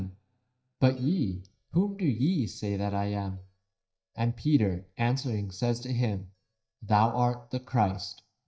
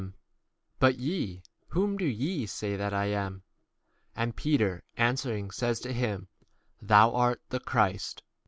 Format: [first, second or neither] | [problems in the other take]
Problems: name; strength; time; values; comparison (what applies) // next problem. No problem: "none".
second | noise reduction (neural mask model DeepFilterNet 3)